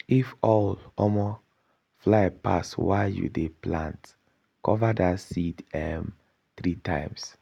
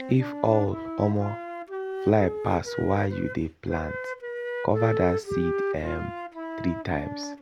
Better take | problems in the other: first | background sound (Wind instrument, woodwind instrument); 5 dB below the speech

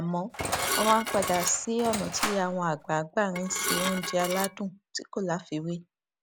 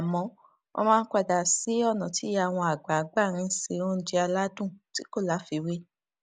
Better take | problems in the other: second | background sound (Engine + Dishes, pots, and pans / Glass); 3 dB below the speech

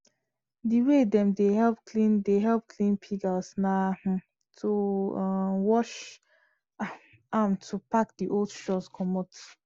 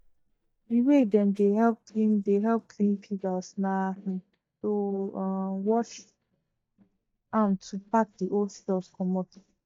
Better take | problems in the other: first | noise reduction (neural mask model DeepFilterNet 3)

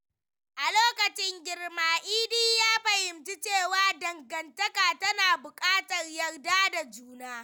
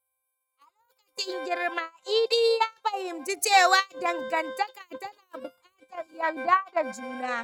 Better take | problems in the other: first | noise reduction (neural mask model RNNoise)

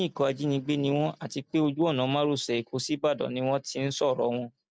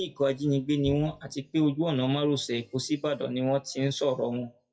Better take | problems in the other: first | noise reduction (classical method WPE with log-MMSE)

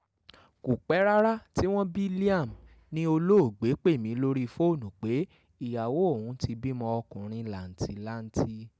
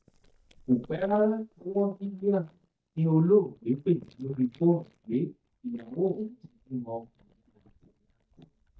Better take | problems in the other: first | noise reduction (neural mask model DeepFilterNet 3)

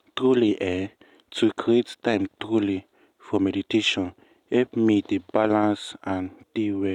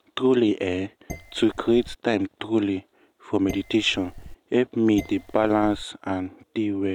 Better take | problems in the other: first | background sound (Dishes, pots, and pans); 16 dB below the speech

